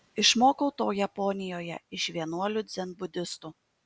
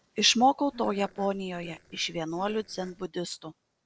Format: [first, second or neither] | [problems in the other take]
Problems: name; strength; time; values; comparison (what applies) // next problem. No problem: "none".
first | noise reduction (neural separator model SepFormer DNS4)